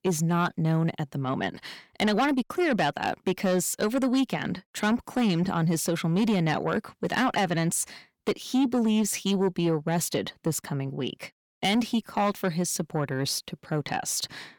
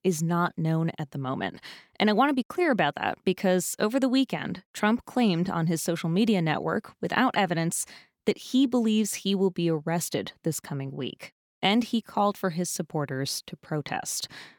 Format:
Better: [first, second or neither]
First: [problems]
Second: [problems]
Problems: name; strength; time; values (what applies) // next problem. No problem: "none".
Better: second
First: distortion; slight; 10 dB below the speech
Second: none